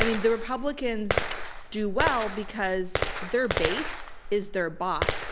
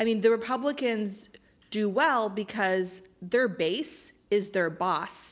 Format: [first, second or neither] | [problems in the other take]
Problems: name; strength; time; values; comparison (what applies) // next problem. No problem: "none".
second | background sound (Gunshot, gunfire); 2 dB below the speech